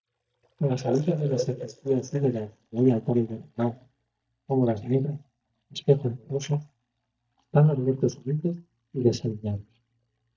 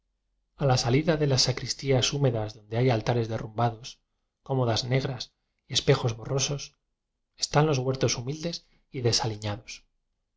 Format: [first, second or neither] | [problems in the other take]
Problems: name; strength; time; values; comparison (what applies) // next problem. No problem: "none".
second | noise reduction (neural mask model DeepFilterNet 3)